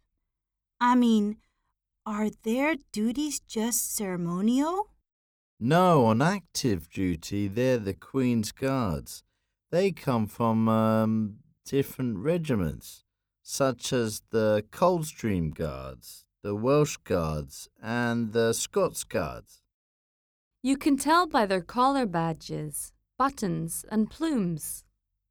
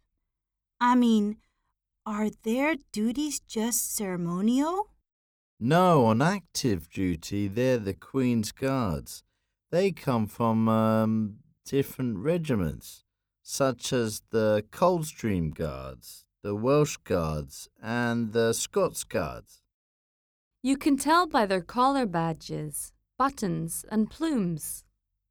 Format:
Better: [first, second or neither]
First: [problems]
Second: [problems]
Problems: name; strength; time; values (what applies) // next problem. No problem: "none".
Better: neither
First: none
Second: none